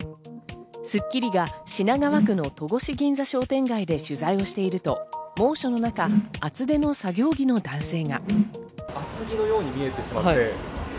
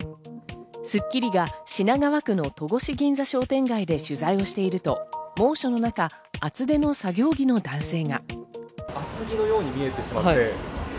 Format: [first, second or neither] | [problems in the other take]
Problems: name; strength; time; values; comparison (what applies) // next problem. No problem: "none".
second | background sound (Whoosh, swoosh, swish); 5 dB below the speech